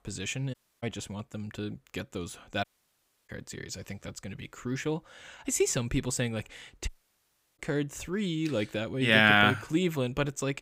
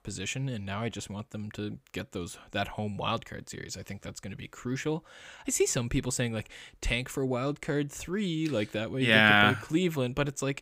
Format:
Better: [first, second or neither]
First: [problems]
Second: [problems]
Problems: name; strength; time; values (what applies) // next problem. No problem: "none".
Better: second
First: audio cutting out; at 0.5 s, at 2.5 s for 0.5 s and at 7 s for 0.5 s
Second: none